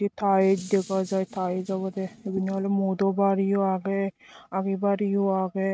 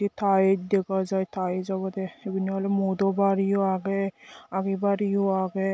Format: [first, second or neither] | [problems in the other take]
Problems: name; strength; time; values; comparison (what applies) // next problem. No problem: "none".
second | noise reduction (neural mask model RNNoise)